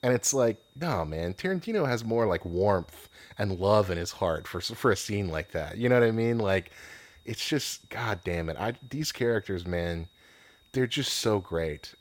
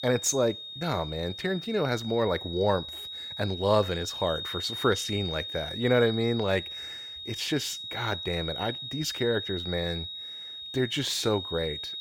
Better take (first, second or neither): first